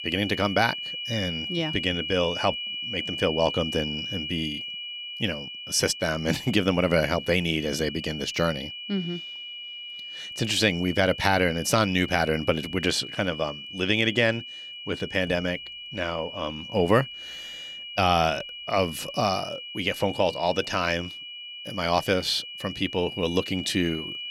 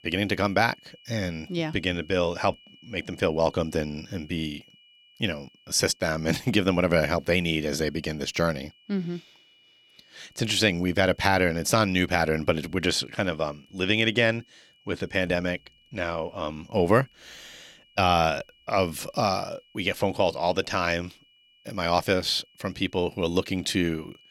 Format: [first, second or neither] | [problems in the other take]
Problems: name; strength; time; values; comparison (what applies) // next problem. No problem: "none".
second | high-pitched whine; loud; throughout; 3 kHz, 8 dB below the speech; faint in the second